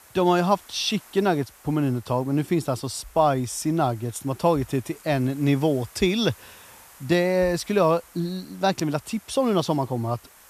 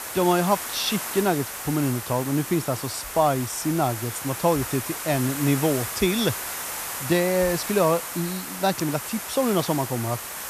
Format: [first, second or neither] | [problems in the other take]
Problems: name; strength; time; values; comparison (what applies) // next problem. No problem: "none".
first | hiss; loud; throughout; 6 dB below the speech; faint in the first